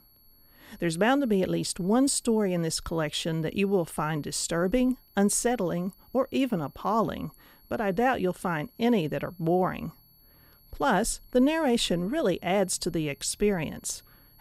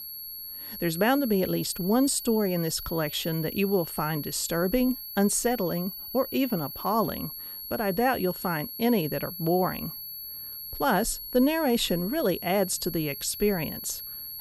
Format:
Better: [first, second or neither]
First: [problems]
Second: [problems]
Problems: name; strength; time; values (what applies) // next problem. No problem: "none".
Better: first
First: high-pitched whine; faint; throughout; 11.5 kHz, 30 dB below the speech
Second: high-pitched whine; loud; throughout; 11.5 kHz, 9 dB below the speech